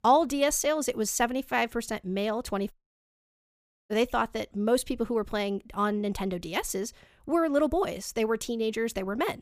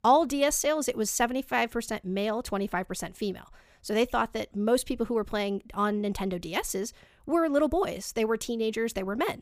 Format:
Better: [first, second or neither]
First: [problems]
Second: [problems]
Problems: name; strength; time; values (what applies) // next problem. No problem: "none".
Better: second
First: audio cutting out; at 2.5 s for 1 s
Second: none